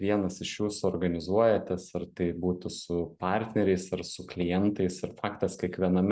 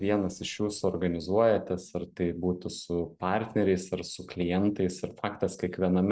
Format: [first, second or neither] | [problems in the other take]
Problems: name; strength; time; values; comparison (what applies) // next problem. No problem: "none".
first | noise reduction (neural separator model SepFormer DNS4)